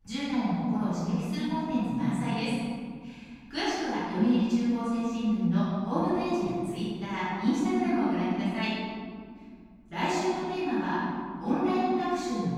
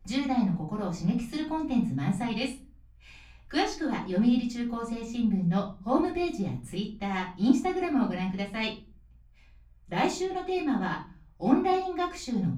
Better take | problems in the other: second | room echo; strong; dies away in 1.9 s; slight in the second // off-mic speech; far; far in the second

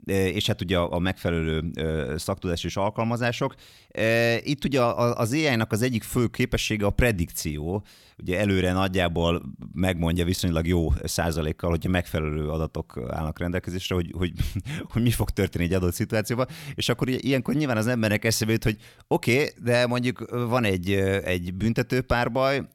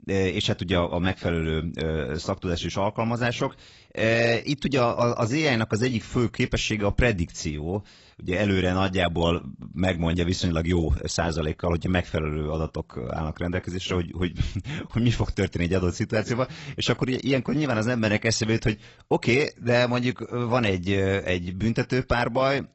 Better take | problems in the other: first | garbled, watery; badly; nothing above 8 kHz

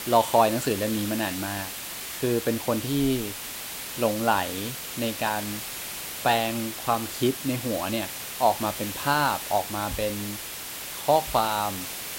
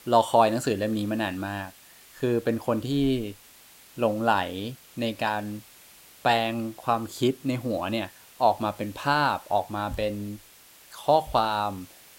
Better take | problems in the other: second | hiss; loud; throughout; 6 dB below the speech; faint in the second

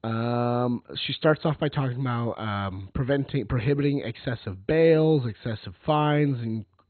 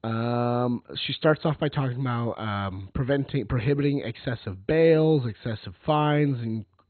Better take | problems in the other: neither | garbled, watery; badly; nothing above 4 kHz; the same in both

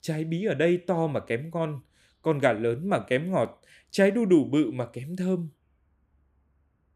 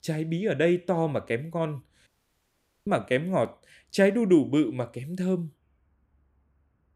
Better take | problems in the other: first | audio cutting out; at 2 s for 1 s

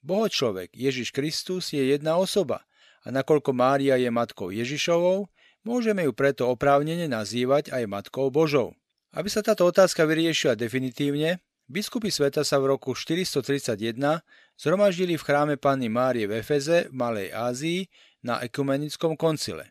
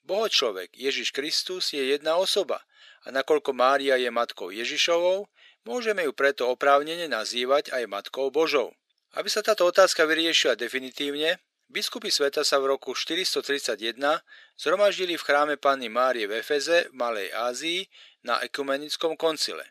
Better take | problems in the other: first | thin; somewhat; fading below 350 Hz

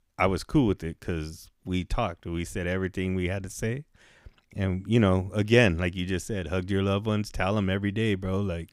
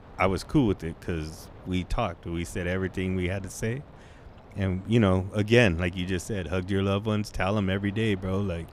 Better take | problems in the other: first | wind noise on the microphone; occasional gusts; 20 dB below the speech

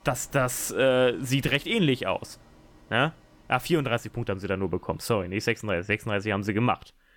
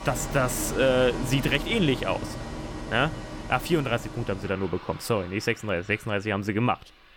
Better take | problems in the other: first | traffic noise; loud; throughout; 9 dB below the speech; faint in the first

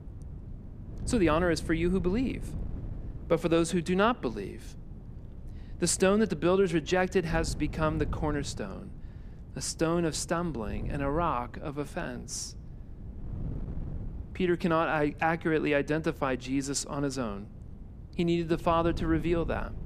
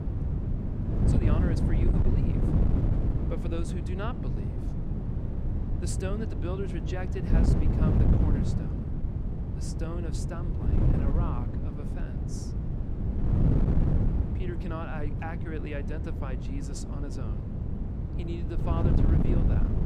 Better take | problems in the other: first | wind noise on the microphone; heavy; 2 dB above the speech; occasional gusts in the first

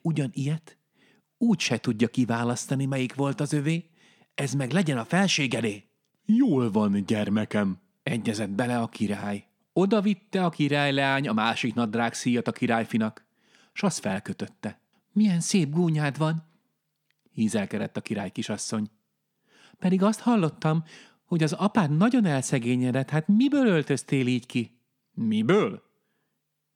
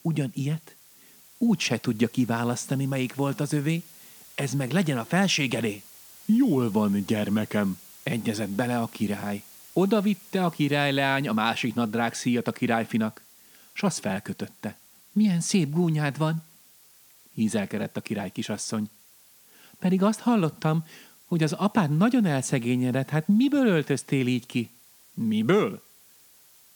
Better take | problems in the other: first | hiss; faint; throughout; 25 dB below the speech

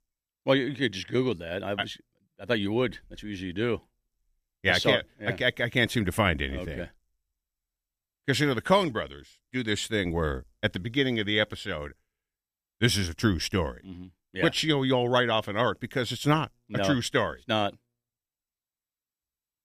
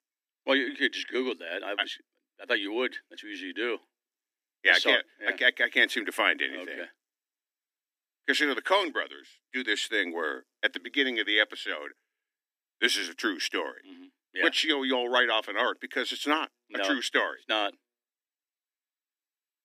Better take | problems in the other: first | thin; somewhat; fading below 250 Hz

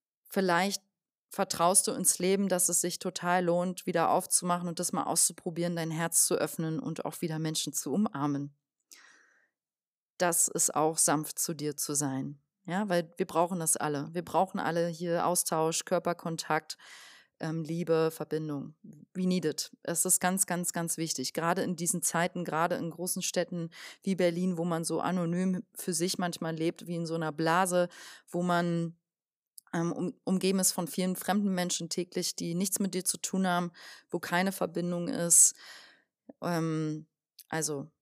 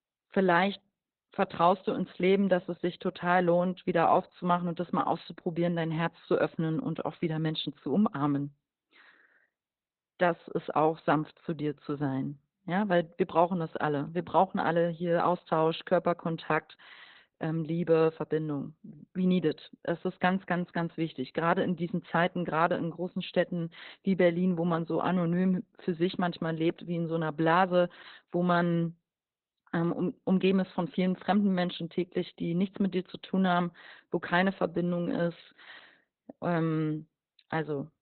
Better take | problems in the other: first | garbled, watery; badly; nothing above 4 kHz

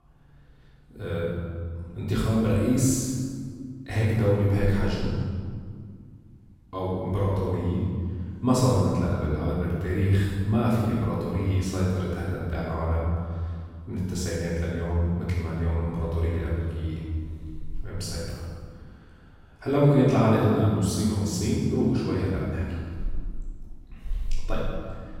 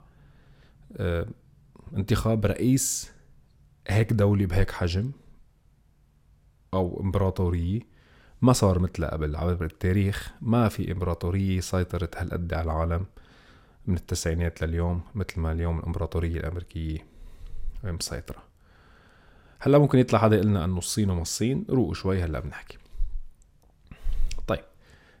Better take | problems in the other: second | off-mic speech; far // room echo; strong; dies away in 1.6 s

